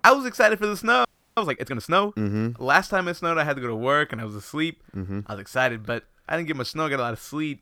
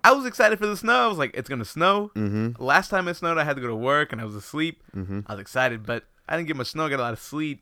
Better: second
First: audio freezing; at 1 s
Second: none

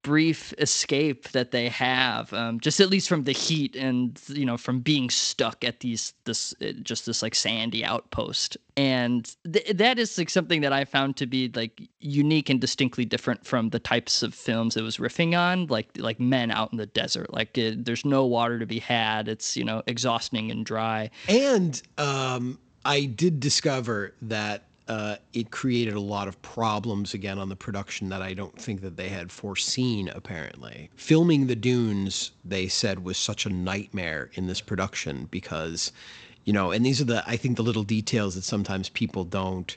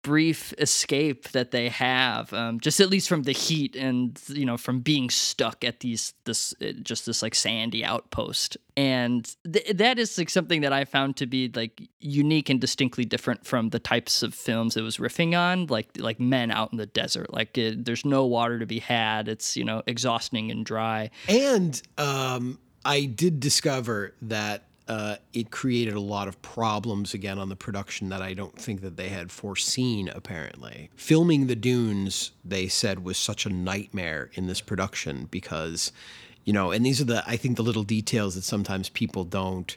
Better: second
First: garbled, watery; slightly; nothing above 8 kHz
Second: none

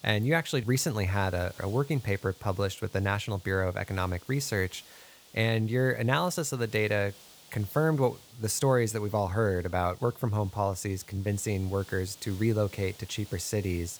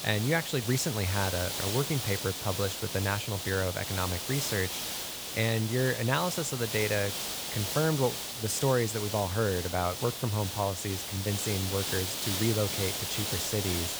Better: first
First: hiss; faint; throughout; 20 dB below the speech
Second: hiss; loud; throughout; 2 dB below the speech

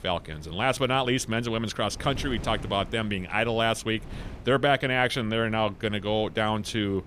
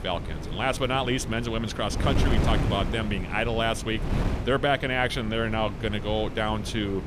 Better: first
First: wind noise on the microphone; occasional gusts; 25 dB below the speech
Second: wind noise on the microphone; heavy; 10 dB below the speech

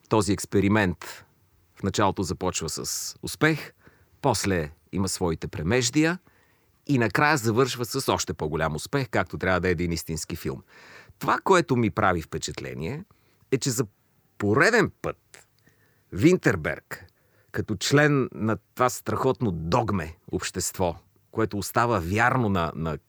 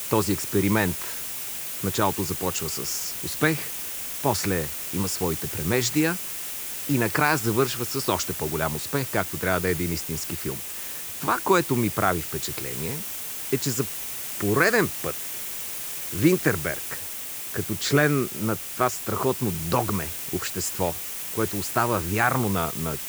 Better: first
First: none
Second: hiss; loud; throughout; 4 dB below the speech

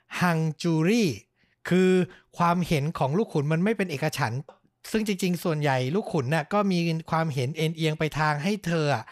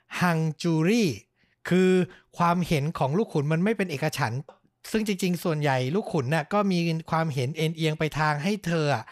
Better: neither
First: none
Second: none

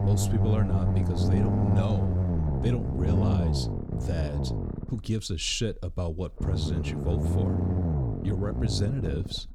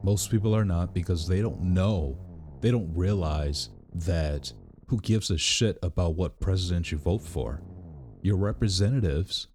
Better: second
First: low rumble; loud; throughout; 1 dB below the speech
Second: low rumble; faint; throughout; 20 dB below the speech

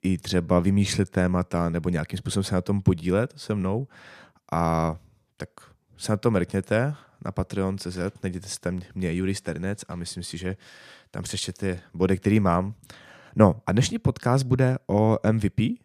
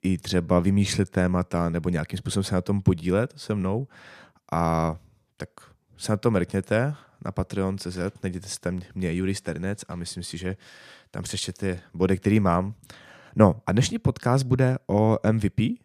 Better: neither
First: none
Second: none

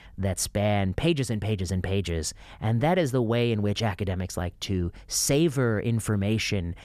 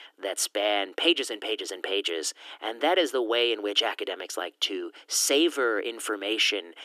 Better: first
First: none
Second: thin; very; fading below 300 Hz

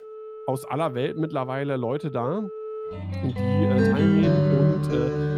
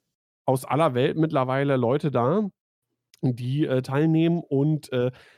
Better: second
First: background music; very loud; throughout; 5 dB above the speech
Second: none

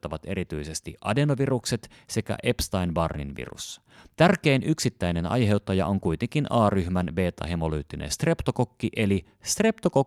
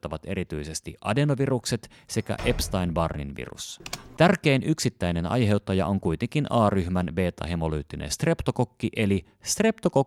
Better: first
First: none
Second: door banging; noticeable; at 2.5 s; peak 10 dB below the speech // keyboard typing; faint; at 4 s; peak 10 dB below the speech

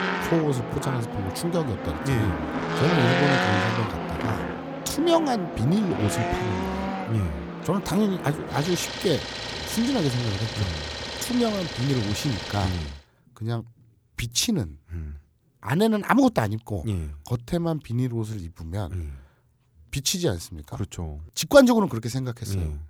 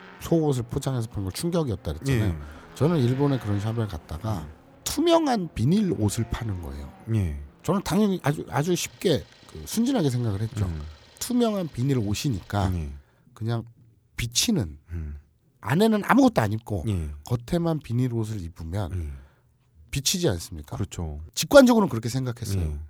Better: second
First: traffic noise; loud; until 13 s; 4 dB below the speech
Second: traffic noise; faint; until 13 s; 25 dB below the speech

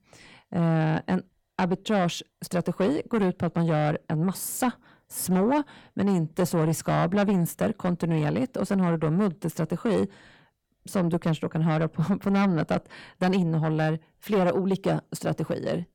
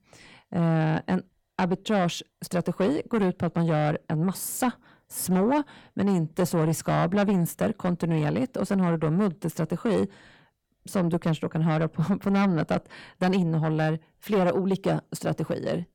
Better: neither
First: distortion; slight; 10 dB below the speech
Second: distortion; slight; 10 dB below the speech

